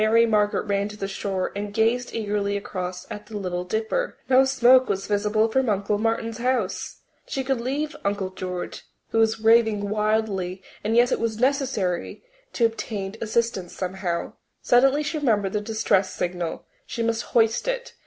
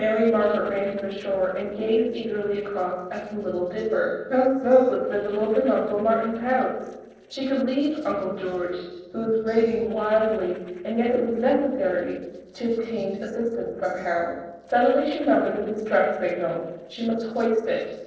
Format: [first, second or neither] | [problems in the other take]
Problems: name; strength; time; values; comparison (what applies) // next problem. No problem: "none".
first | noise reduction (neural separator model SepFormer DNS4)